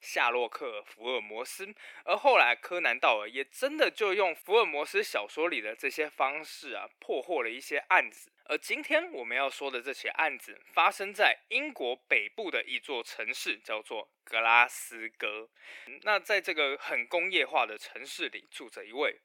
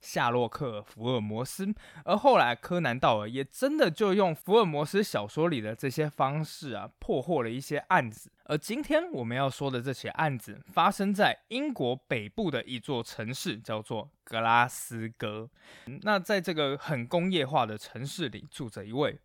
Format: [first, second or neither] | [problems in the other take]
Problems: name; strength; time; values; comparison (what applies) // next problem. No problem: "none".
second | thin; very; fading below 350 Hz